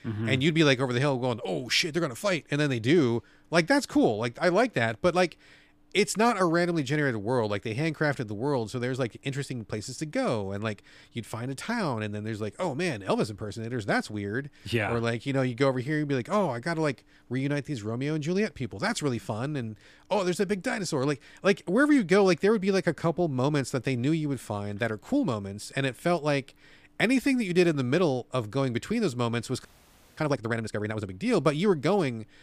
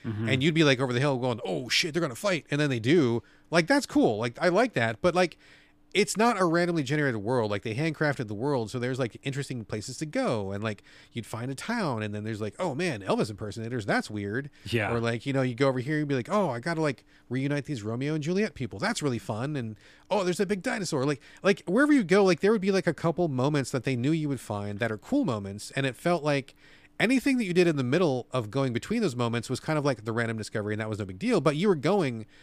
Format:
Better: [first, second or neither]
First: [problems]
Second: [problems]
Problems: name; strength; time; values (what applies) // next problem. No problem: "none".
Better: second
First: audio freezing; at 30 s for 0.5 s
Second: none